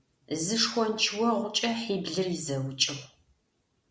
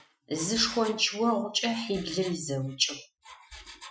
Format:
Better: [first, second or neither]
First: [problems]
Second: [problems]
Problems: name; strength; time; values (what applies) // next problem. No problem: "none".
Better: first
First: none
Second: noise reduction (classical method Wiener filter)